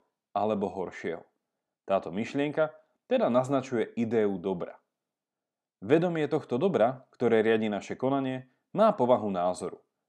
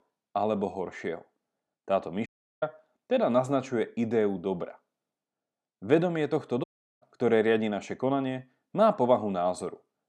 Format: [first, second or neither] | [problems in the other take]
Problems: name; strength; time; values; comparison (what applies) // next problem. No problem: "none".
first | audio cutting out; at 2.5 s and at 6.5 s